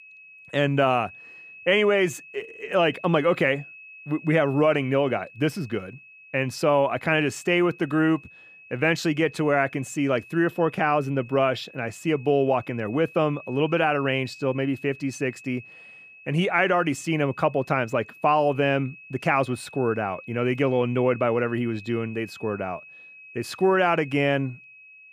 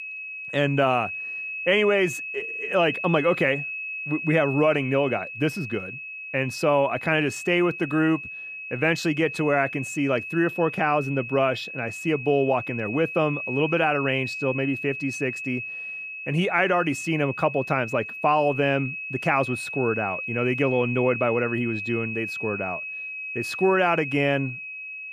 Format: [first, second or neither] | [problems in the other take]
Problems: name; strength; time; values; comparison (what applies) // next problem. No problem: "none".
first | high-pitched whine; loud; throughout; 2.5 kHz, 7 dB below the speech; faint in the first